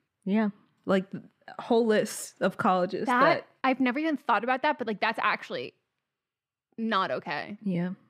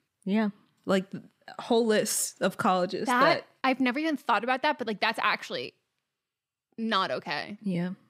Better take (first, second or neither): second